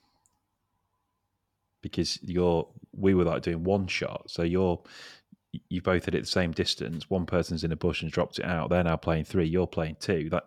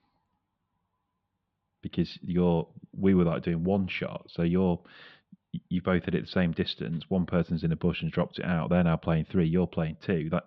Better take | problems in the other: first | muffled; slightly; fading above 3.5 kHz

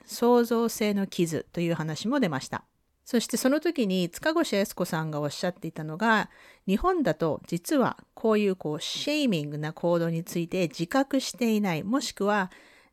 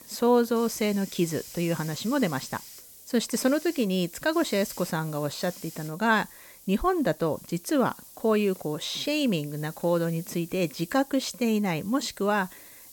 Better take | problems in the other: first | hiss; noticeable; throughout; 15 dB below the speech

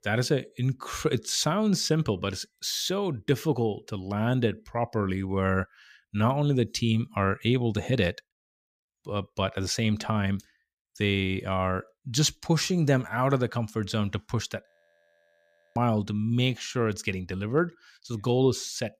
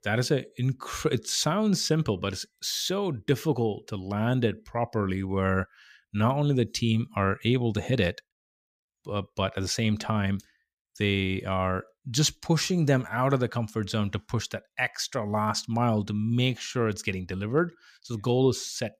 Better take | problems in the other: second | audio freezing; at 15 s for 1 s

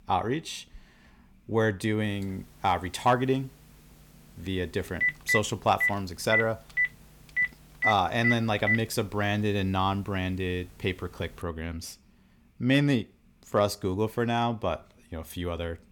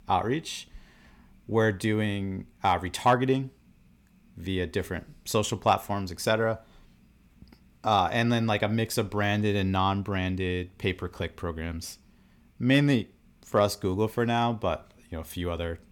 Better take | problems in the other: second | phone ringing; loud; from 5 to 9 s; peak 4 dB above the speech

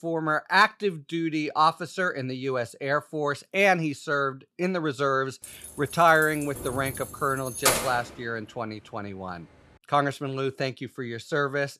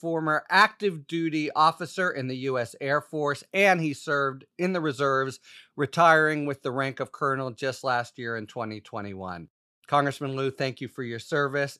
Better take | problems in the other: second | jangling keys; loud; from 5.5 to 8 s; peak 3 dB above the speech

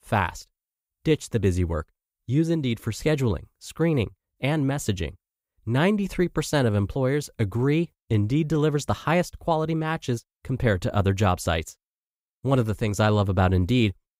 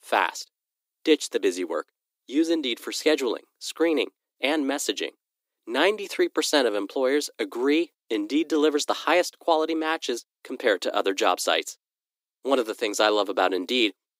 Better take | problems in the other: first | thin; somewhat; fading below 300 Hz

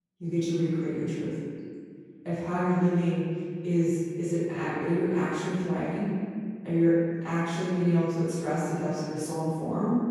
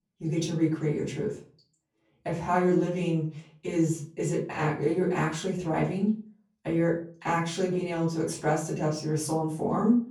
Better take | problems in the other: second | room echo; strong; dies away in 2 s; slight in the second // off-mic speech; far; far in the second

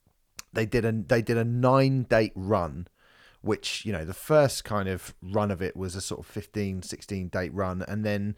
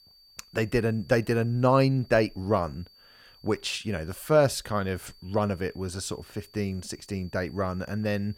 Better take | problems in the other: first | high-pitched whine; faint; throughout; 4.5 kHz, 25 dB below the speech

